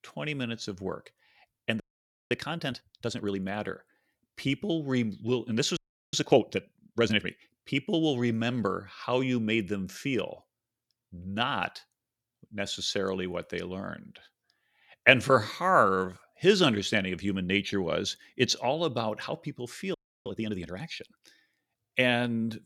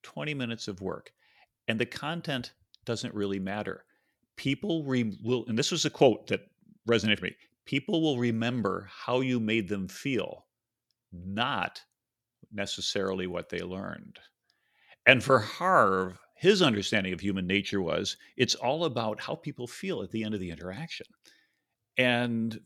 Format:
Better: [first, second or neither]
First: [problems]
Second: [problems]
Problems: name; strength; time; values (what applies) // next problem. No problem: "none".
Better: second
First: audio freezing; at 2 s for 0.5 s, at 6 s and at 20 s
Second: none